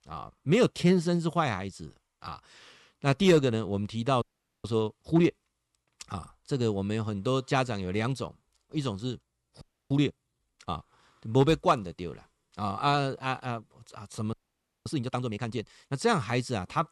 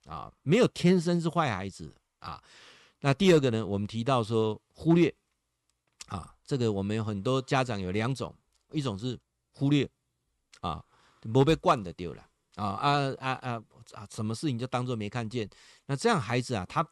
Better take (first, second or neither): second